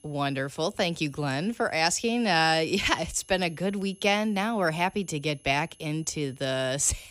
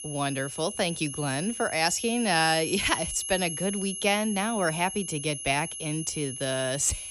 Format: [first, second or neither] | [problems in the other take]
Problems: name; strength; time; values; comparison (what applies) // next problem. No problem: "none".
first | high-pitched whine; loud; throughout; 11 kHz, 7 dB below the speech; faint in the first